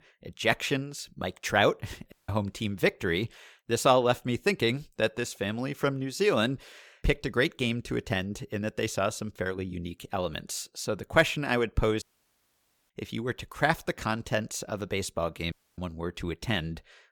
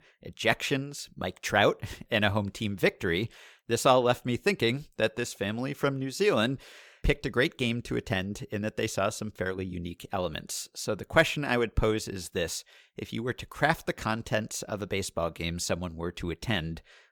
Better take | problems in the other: second | audio cutting out; at 2 s, at 12 s for 1 s and at 16 s

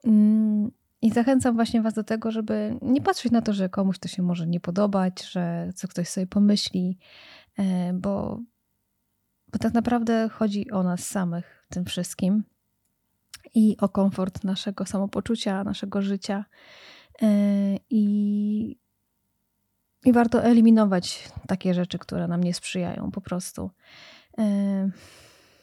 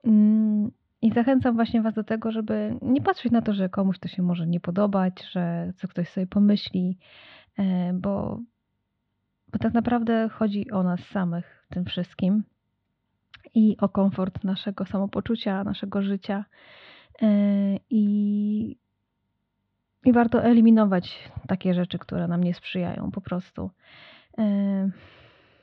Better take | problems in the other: first | muffled; slightly; fading above 3.5 kHz

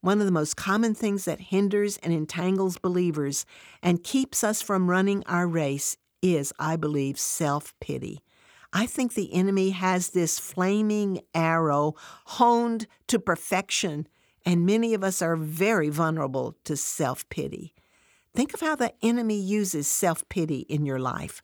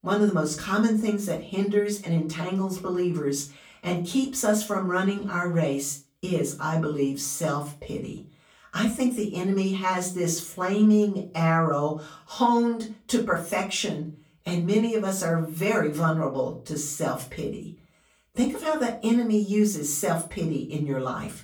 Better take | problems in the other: first | off-mic speech; far // room echo; very slight; dies away in 0.3 s

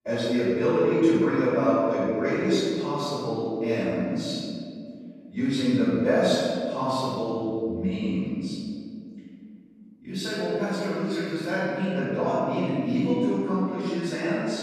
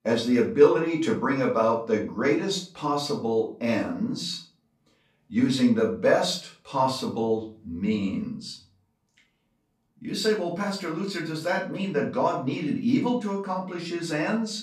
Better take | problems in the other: second | room echo; strong; dies away in 2.3 s; slight in the second // off-mic speech; far; far in the second

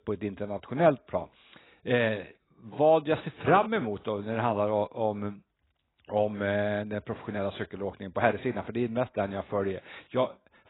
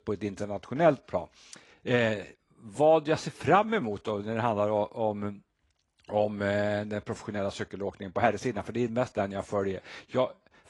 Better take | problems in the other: second | garbled, watery; badly; nothing above 4 kHz; slightly in the second

